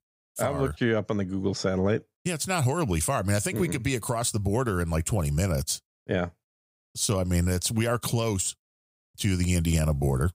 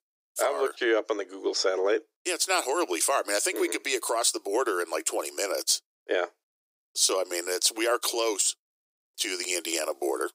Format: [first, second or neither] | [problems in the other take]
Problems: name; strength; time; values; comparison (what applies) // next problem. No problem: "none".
first | thin; very; fading below 300 Hz